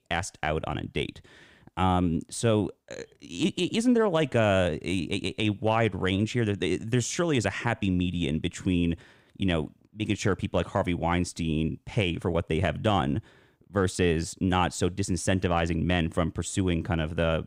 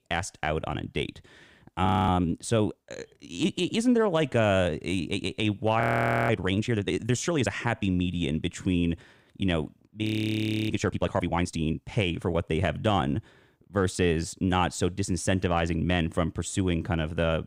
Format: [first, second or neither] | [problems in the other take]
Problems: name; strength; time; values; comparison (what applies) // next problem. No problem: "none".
first | audio freezing; at 2 s, at 6 s and at 10 s for 0.5 s